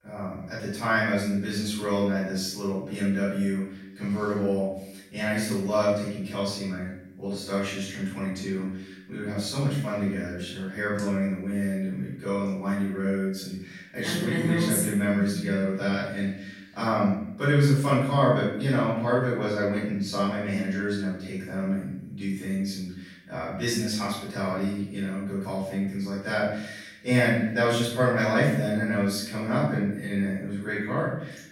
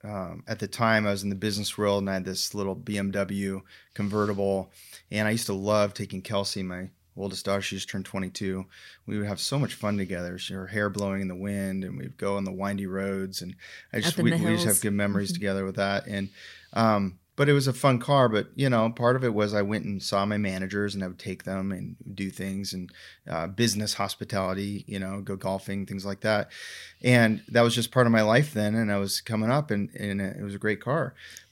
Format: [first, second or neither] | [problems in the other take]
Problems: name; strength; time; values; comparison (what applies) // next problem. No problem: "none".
second | off-mic speech; far // room echo; noticeable; dies away in 0.7 s